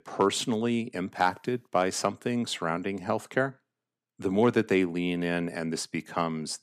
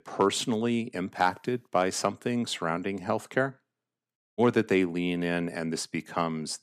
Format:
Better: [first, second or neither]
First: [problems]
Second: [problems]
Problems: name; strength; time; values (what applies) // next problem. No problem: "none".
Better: first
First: none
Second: audio cutting out; at 4 s